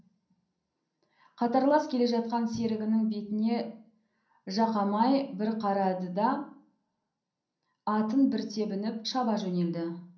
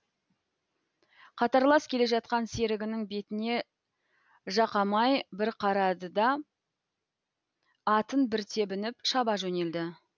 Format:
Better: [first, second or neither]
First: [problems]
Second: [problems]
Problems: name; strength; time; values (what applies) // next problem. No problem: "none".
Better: second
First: room echo; dies away in 0.6 s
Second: none